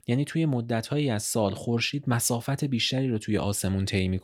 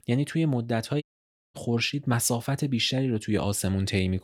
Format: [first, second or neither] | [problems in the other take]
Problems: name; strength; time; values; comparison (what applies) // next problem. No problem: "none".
first | audio cutting out; at 1 s for 0.5 s